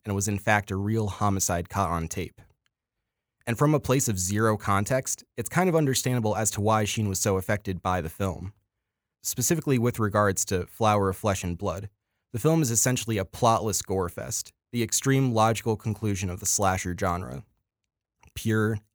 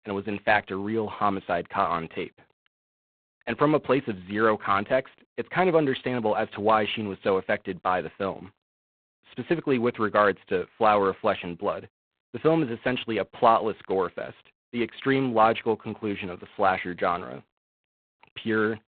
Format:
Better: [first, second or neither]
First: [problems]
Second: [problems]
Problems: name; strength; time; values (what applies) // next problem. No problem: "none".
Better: first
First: none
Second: phone-call audio; poor line; nothing above 4 kHz